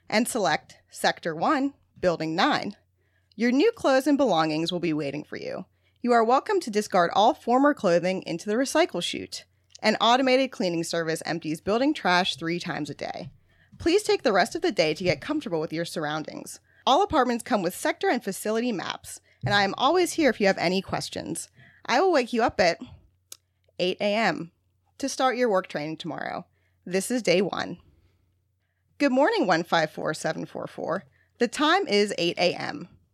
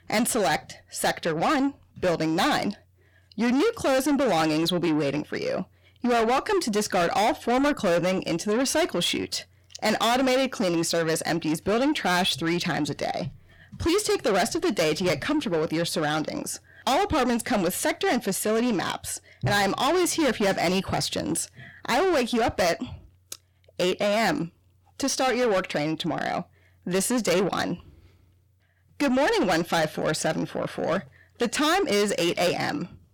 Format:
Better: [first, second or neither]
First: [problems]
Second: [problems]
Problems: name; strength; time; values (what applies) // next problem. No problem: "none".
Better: first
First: none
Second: distortion; heavy; 6 dB below the speech